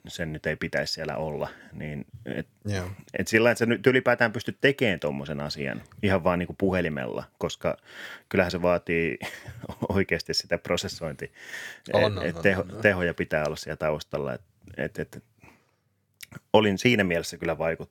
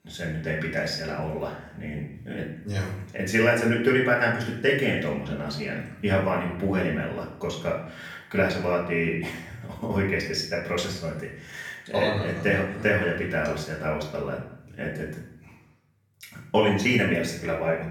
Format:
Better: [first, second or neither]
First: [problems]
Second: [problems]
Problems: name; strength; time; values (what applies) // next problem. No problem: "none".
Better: first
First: none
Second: off-mic speech; far // room echo; noticeable; dies away in 0.6 s